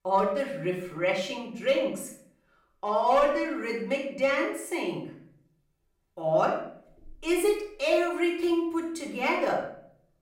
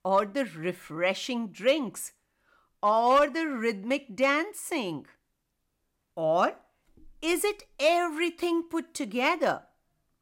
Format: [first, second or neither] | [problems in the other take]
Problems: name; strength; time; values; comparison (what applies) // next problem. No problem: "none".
second | off-mic speech; far // room echo; noticeable; dies away in 0.6 s